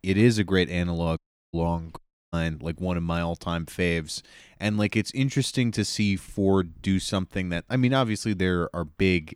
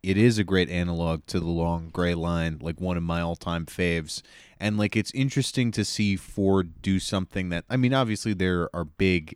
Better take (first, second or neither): second